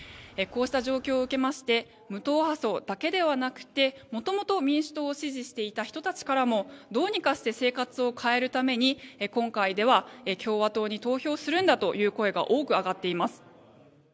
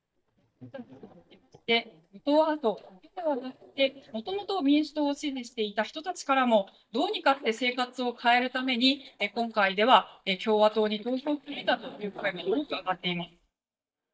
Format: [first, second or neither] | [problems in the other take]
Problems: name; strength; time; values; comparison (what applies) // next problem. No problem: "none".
first | noise reduction (neural mask model DeepFilterNet 3)